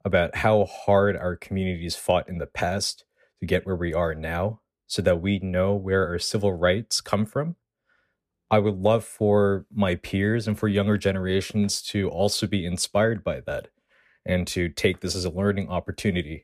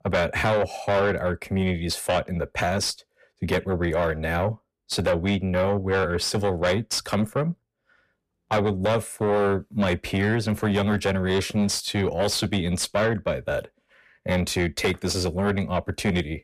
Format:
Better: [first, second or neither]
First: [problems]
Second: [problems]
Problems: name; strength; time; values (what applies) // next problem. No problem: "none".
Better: first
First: none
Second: distortion; heavy; 7 dB below the speech